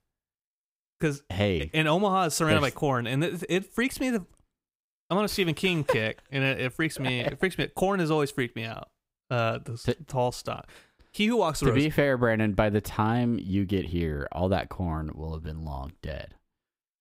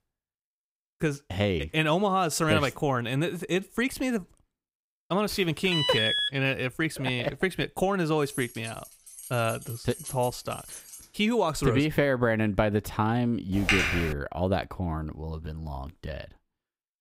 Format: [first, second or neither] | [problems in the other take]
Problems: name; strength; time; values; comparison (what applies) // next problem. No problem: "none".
first | alarm; loud; at 5.5 s; peak 4 dB above the speech // jangling keys; faint; from 8 to 11 s; peak 10 dB below the speech // keyboard typing; loud; at 14 s; peak 4 dB above the speech